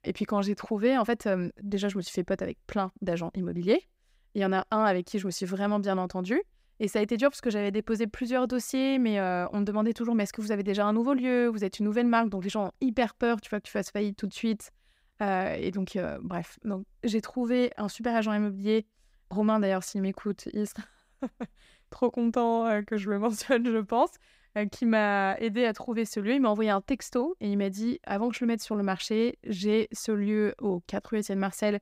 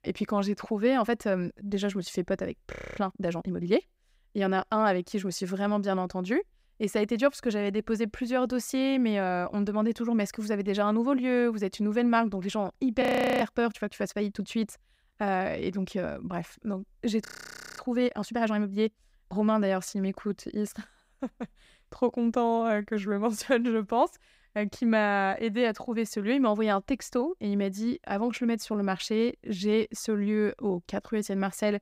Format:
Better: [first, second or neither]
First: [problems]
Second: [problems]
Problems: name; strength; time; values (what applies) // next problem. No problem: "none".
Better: first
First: none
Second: audio freezing; at 2.5 s, at 13 s and at 17 s for 0.5 s